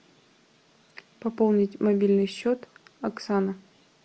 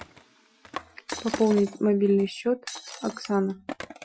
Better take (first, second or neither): first